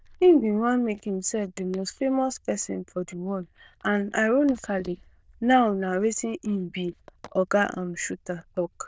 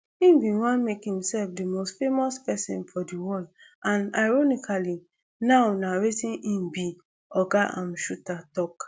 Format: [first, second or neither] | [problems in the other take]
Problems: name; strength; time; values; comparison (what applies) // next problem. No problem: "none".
second | noise reduction (neural diffusion model UNIVERSE++)